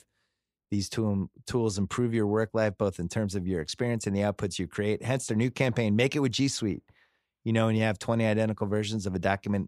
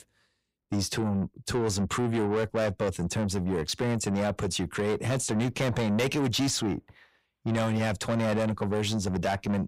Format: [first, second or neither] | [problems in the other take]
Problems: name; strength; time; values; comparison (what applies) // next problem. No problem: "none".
first | distortion; heavy; 7 dB below the speech